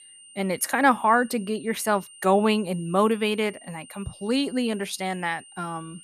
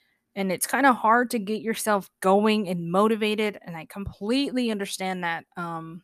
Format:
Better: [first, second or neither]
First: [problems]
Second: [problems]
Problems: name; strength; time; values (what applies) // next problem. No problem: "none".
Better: second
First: high-pitched whine; faint; throughout; 9 kHz, 20 dB below the speech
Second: none